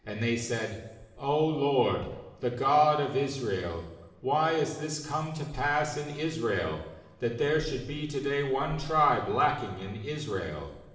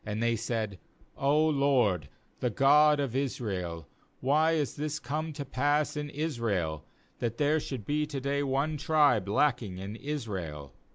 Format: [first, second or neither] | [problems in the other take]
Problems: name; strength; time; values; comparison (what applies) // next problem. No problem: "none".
second | room echo; dies away in 1.1 s